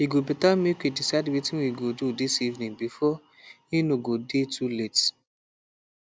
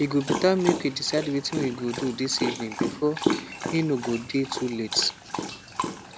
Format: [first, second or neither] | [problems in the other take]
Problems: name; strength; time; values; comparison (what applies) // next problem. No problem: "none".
first | background sound (Dog); 5 dB below the speech